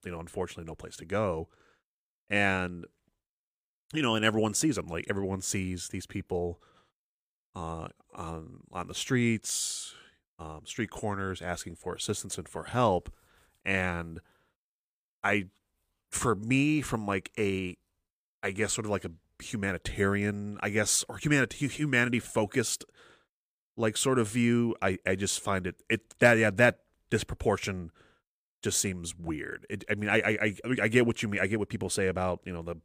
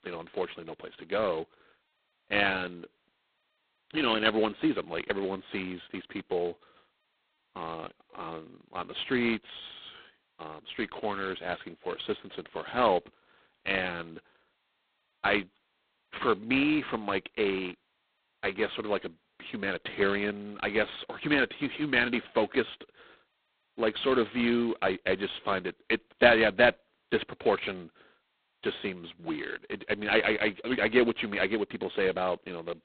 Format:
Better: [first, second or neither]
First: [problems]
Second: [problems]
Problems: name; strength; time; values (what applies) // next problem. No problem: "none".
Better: first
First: none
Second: phone-call audio; poor line; nothing above 4 kHz